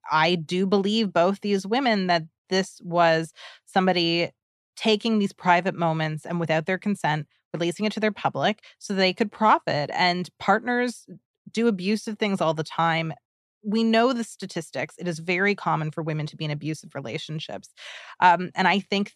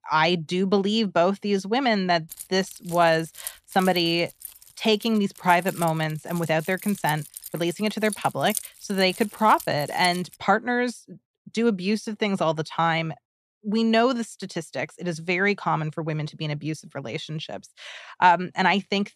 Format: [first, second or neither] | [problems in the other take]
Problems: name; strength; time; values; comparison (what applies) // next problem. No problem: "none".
first | jangling keys; noticeable; from 2.5 to 10 s; peak 7 dB below the speech